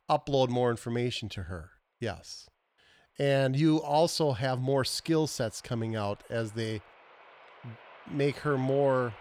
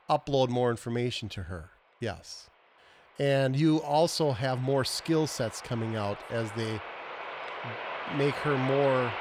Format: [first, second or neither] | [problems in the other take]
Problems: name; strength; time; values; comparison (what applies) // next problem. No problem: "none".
first | animal sounds; loud; throughout; 10 dB below the speech; faint in the first